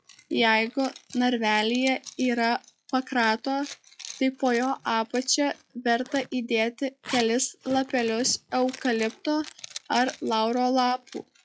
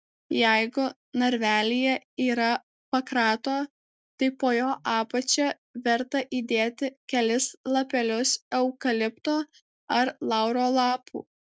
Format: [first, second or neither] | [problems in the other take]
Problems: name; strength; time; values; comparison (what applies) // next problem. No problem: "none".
second | noise reduction (classical method log-MMSE)